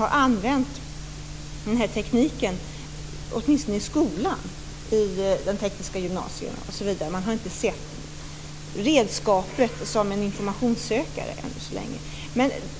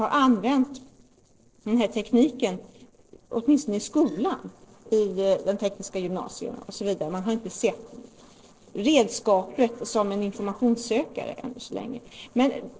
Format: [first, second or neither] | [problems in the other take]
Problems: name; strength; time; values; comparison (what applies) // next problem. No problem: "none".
first | noise reduction (neural separator model SepFormer DNS4)